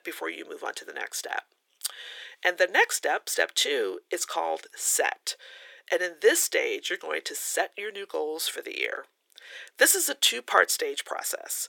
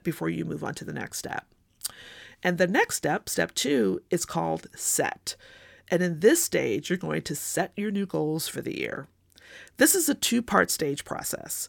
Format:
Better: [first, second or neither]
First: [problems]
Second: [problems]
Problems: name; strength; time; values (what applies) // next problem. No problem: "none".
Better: second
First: thin; very; fading below 400 Hz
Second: none